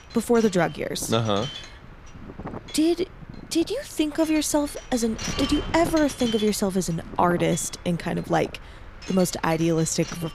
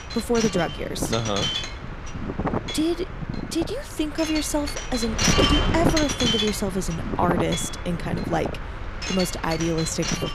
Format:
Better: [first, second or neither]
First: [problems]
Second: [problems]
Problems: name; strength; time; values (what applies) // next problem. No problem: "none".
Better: first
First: wind noise on the microphone; occasional gusts; 10 dB below the speech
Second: wind noise on the microphone; heavy; as loud as the speech